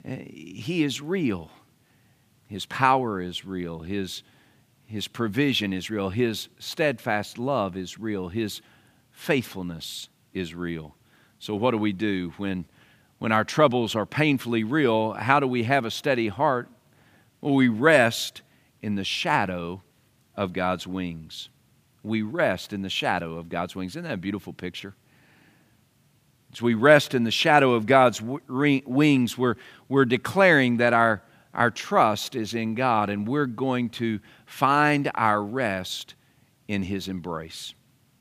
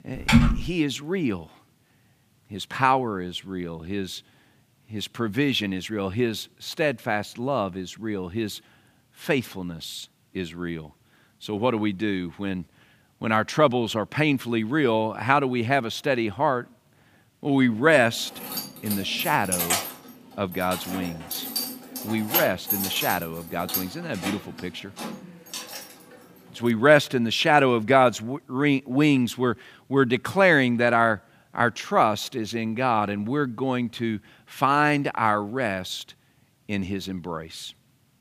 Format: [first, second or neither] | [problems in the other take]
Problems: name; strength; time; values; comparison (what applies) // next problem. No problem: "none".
first | keyboard typing; loud; at 0.5 s; peak 5 dB above the speech // jangling keys; loud; from 18 to 26 s; peak 1 dB above the speech